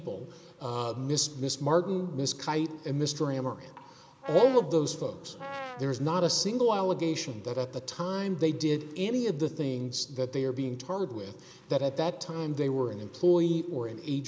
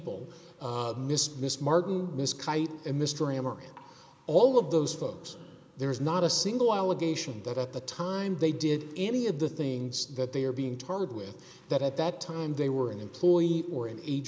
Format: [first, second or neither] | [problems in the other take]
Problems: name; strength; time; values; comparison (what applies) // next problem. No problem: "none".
second | background sound (Brass instrument); 12 dB below the speech